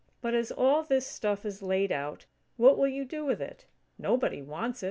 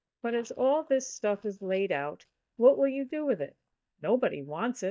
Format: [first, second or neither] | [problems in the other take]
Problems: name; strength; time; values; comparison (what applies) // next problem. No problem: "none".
first | noise reduction (neural mask model DeepFilterNet 3)